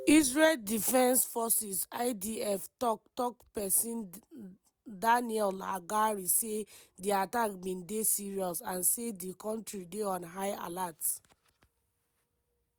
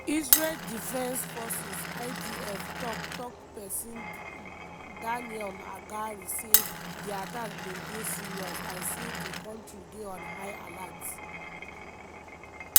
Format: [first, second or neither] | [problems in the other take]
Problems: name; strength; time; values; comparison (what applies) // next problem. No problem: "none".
first | background sound (Glass); 5 dB above the speech